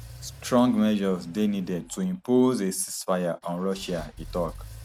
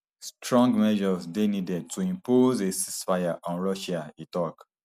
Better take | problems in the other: second | background sound (Engine / Car); 19 dB below the speech

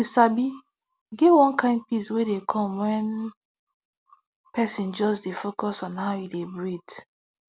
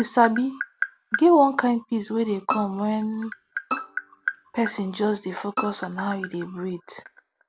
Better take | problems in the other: first | background sound (Bowed string instrument + Tap); 10 dB below the speech

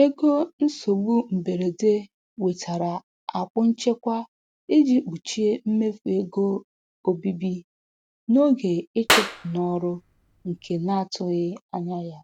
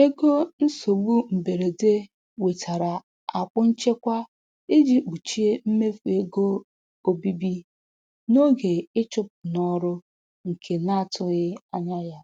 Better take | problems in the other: second | background sound (Clapping); 3 dB below the speech

